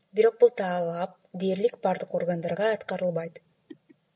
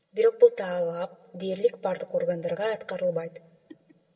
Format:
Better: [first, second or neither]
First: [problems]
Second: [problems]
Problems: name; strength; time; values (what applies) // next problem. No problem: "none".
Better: first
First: none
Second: room echo; dies away in 0.4 s